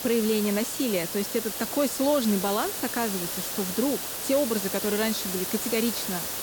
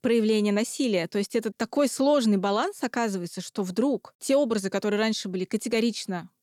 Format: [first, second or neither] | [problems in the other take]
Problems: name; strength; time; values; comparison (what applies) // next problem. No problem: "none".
second | hiss; loud; throughout; 2 dB below the speech